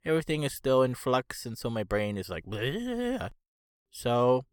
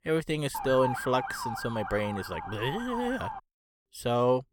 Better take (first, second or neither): first